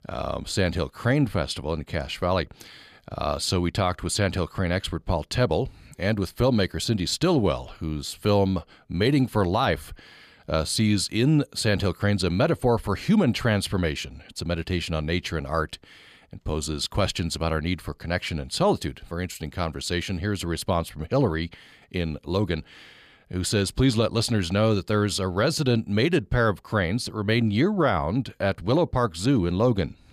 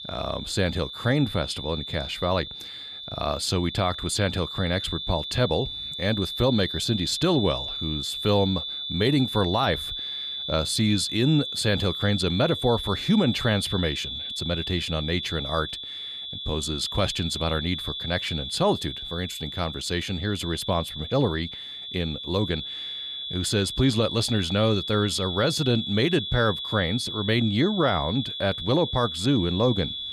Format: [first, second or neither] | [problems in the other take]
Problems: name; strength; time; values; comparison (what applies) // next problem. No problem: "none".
first | high-pitched whine; loud; throughout; 3.5 kHz, 5 dB below the speech